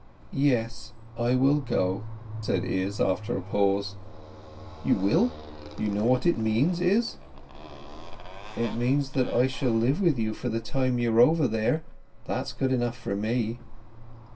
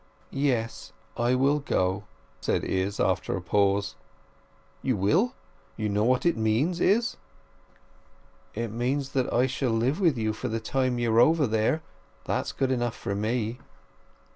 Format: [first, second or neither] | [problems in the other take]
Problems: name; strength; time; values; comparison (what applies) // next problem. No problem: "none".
second | background sound (Motorcycle); 16 dB below the speech // room echo; dies away in 0.2 s